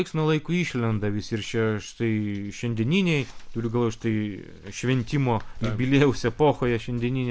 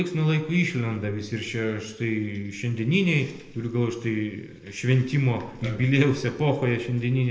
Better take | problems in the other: first | room echo; dies away in 0.8 s

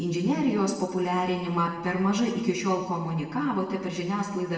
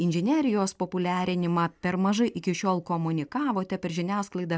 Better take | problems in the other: second | room echo; dies away in 1.1 s

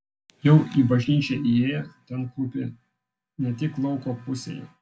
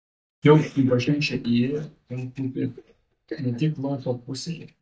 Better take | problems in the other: first | noise reduction (neural mask model DeepFilterNet 3)

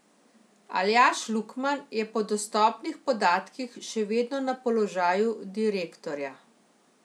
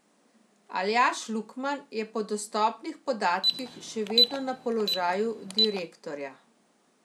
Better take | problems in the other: first | background sound (Alarm); as loud as the speech

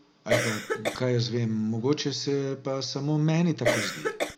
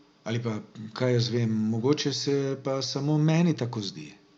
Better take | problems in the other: second | background sound (Cough); as loud as the speech

